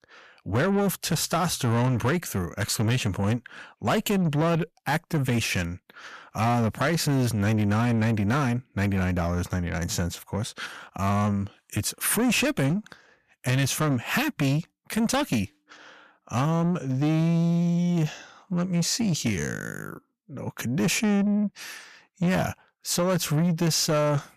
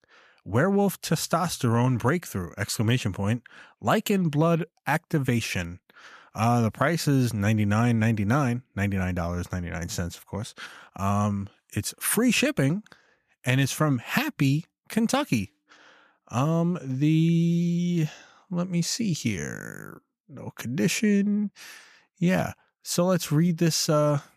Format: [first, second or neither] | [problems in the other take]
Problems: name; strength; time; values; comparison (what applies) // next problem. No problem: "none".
second | distortion; slight; 10 dB below the speech